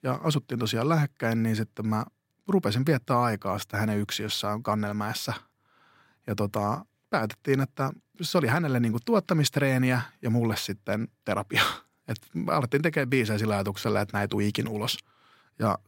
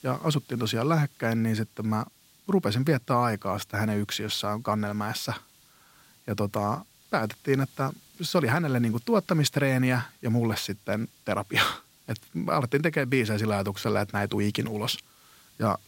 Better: first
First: none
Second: hiss; faint; throughout; 30 dB below the speech

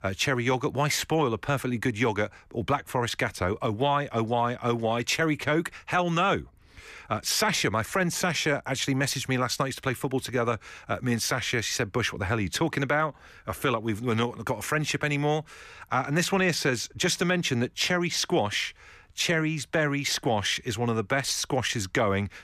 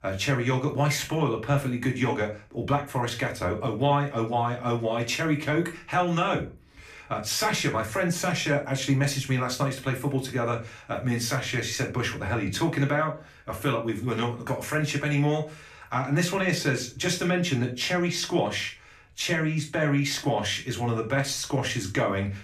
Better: first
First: none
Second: room echo; slight; dies away in 0.3 s // off-mic speech; somewhat distant

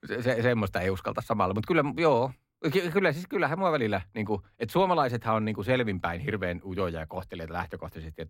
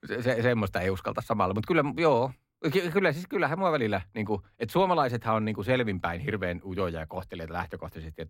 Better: neither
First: muffled; slightly; fading above 3 kHz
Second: muffled; slightly; fading above 3 kHz

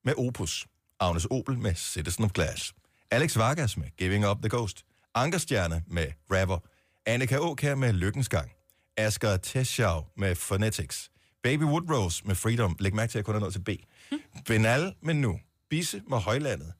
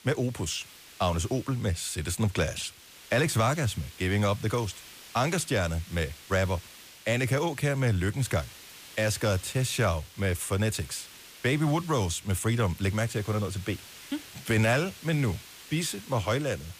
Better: first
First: none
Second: hiss; noticeable; throughout; 20 dB below the speech

